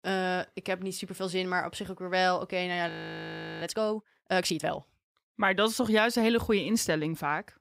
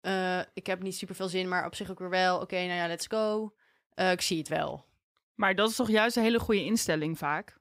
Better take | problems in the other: second | audio freezing; at 3 s for 0.5 s

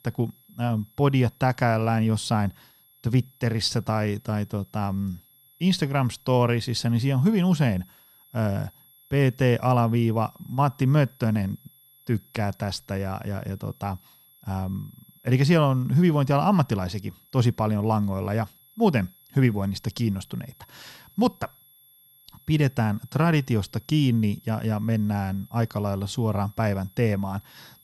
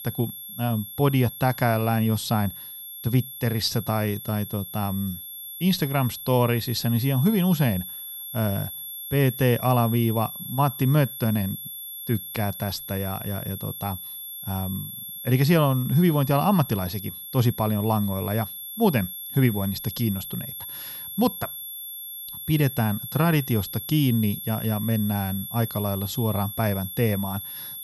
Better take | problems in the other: first | high-pitched whine; loud; throughout; 11.5 kHz, 9 dB below the speech; faint in the first

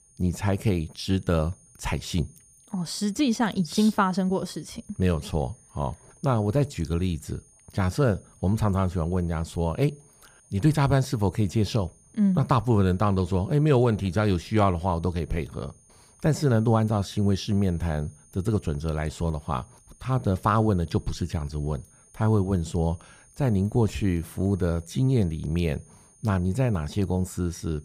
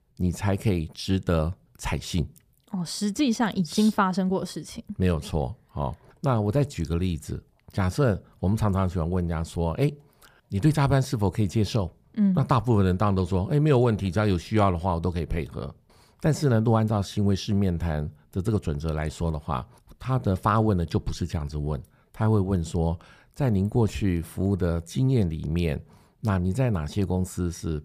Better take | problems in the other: second | high-pitched whine; faint; throughout; 9 kHz, 30 dB below the speech

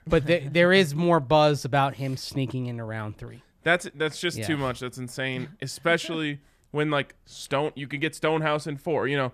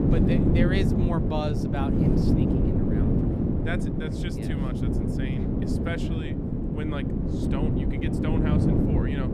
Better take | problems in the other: first | wind noise on the microphone; heavy; 4 dB above the speech

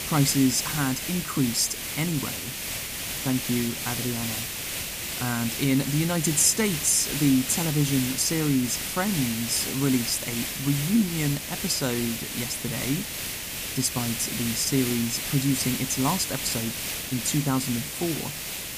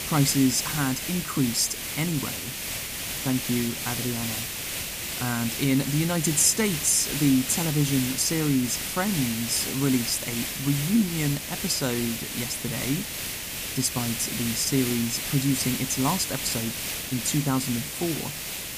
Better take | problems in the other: neither | hiss; loud; throughout; 4 dB below the speech; the same in both

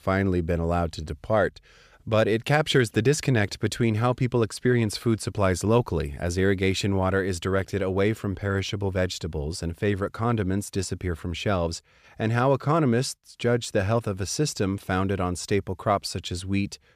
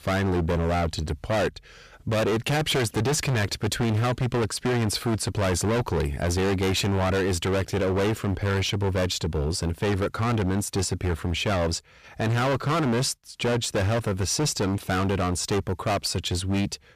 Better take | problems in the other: first | distortion; heavy; 28% of the sound clipped

